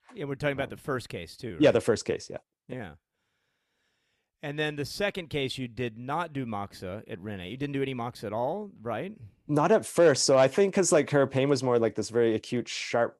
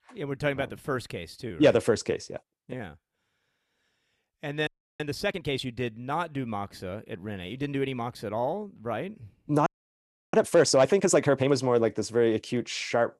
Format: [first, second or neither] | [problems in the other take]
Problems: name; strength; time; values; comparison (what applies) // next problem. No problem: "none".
first | audio freezing; at 4.5 s and at 9.5 s for 0.5 s